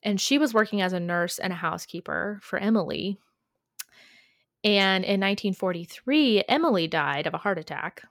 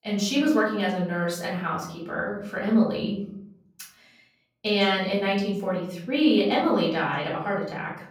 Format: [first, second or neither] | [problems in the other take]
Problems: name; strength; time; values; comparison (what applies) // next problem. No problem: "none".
first | off-mic speech; far // room echo; noticeable; dies away in 0.8 s